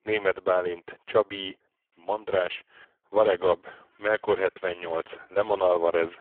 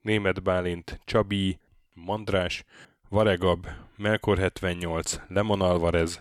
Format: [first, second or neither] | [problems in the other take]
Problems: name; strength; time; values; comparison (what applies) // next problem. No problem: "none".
second | phone-call audio; poor line